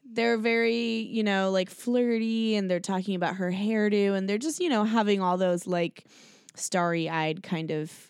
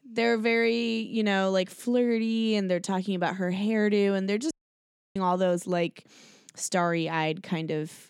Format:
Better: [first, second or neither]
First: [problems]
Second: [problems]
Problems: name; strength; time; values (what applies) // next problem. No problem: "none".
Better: first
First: none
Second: audio cutting out; at 4.5 s for 0.5 s